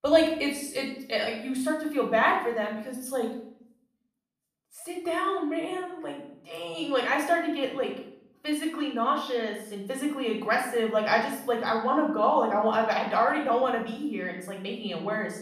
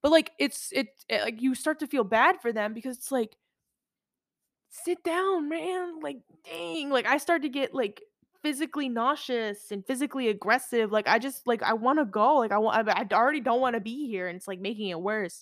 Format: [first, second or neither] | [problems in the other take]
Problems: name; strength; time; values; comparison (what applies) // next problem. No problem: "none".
second | room echo; noticeable; dies away in 0.7 s // off-mic speech; far